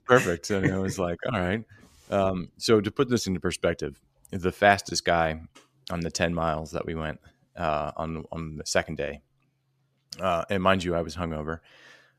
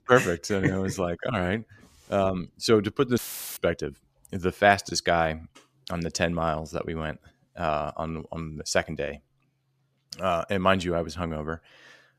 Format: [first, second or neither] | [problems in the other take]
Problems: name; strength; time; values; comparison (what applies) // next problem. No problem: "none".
first | audio cutting out; filled with static; at 3 s